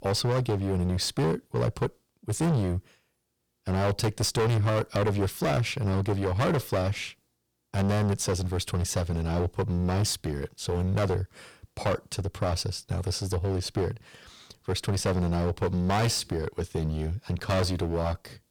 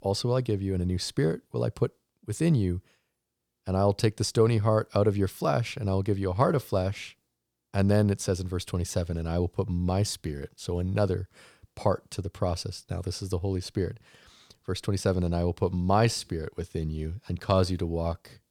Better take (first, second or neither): second